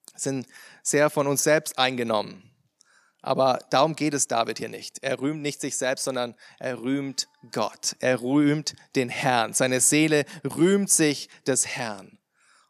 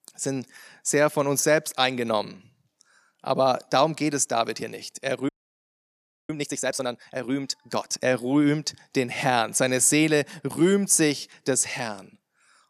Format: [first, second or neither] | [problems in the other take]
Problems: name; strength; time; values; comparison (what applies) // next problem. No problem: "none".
first | audio freezing; at 5.5 s for 1 s